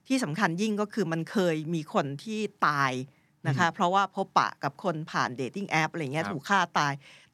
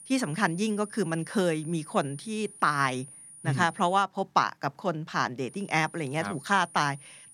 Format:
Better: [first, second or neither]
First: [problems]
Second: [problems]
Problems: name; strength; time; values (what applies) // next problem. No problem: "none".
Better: first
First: none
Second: high-pitched whine; noticeable; until 4 s and from 5.5 s on; 9.5 kHz, 20 dB below the speech